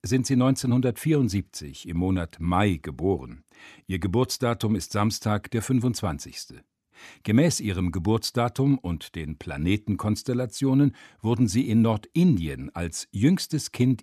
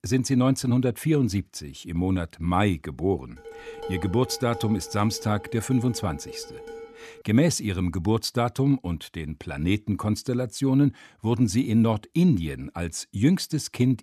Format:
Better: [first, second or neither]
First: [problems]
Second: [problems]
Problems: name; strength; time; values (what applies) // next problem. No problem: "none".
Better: first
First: none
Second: clattering dishes; faint; from 3.5 to 7 s; peak 10 dB below the speech